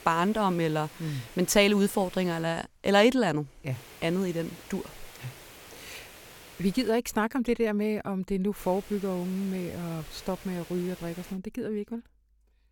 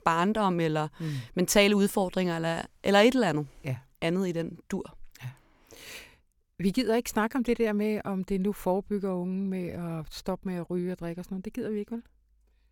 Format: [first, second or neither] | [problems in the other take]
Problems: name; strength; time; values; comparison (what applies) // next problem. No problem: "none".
second | hiss; noticeable; until 2.5 s, from 3.5 to 7 s and from 8.5 to 11 s; 20 dB below the speech